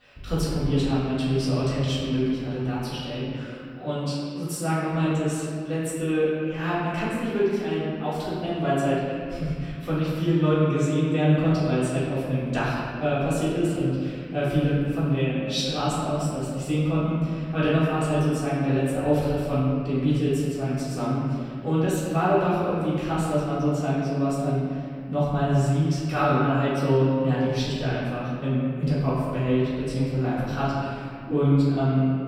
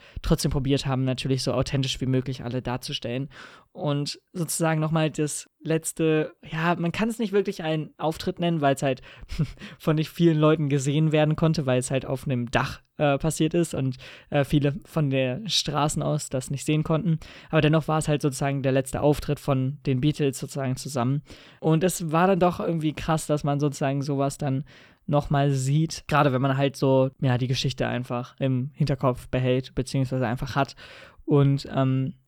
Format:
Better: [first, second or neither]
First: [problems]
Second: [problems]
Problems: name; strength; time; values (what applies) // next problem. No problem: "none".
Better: second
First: off-mic speech; far // room echo; strong; dies away in 2.1 s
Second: none